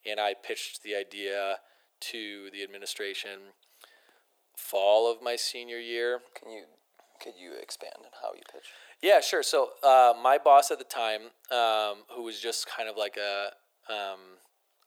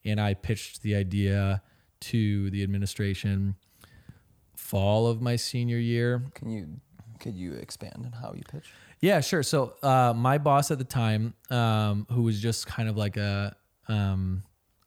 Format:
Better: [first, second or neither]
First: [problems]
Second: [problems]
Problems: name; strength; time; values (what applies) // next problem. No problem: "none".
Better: second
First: thin; very; fading below 350 Hz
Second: none